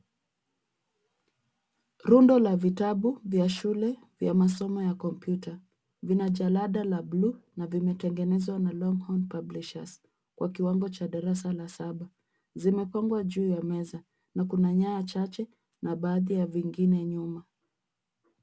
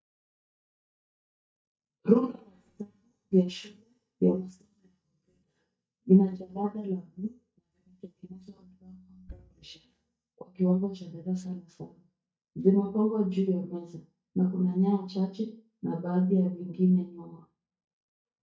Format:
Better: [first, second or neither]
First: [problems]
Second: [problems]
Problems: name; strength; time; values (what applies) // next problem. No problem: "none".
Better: first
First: none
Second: noise reduction (neural mask model DeepFilterNet 3)